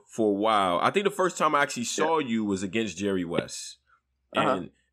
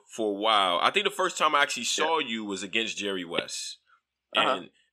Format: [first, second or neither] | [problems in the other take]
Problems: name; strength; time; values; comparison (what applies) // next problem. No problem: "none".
first | thin; very slightly; fading below 550 Hz